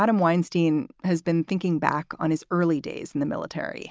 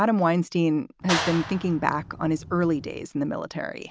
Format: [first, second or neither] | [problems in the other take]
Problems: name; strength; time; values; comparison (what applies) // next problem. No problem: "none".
first | background sound (Clapping); 8 dB below the speech